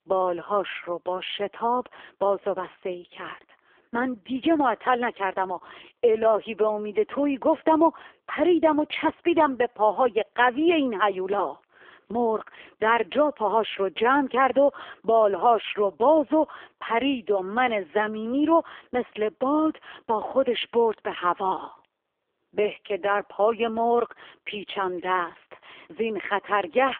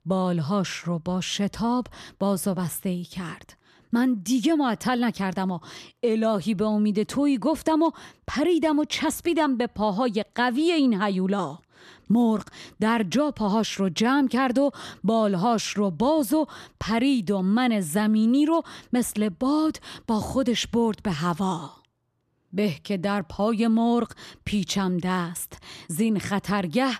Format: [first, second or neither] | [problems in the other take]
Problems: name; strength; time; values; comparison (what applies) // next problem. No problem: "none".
second | phone-call audio; poor line; nothing above 3.5 kHz